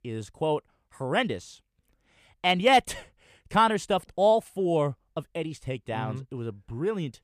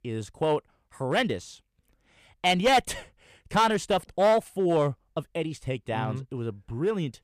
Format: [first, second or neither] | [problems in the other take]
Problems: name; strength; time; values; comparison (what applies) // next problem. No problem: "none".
first | distortion; slight; 3% of the sound clipped